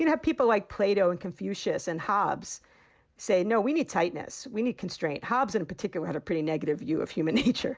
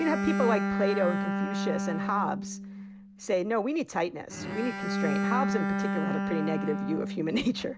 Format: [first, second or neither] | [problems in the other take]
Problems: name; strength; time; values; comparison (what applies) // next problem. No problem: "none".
first | background sound (Bowed string instrument); as loud as the speech